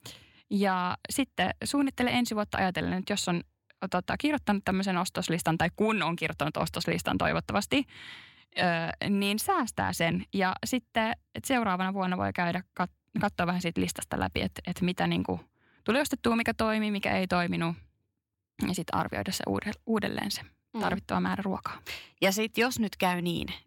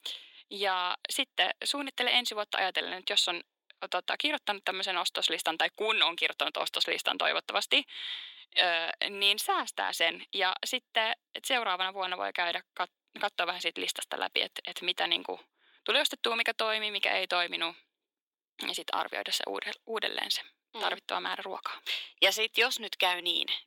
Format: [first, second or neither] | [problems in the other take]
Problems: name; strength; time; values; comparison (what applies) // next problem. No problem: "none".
first | thin; very; fading below 350 Hz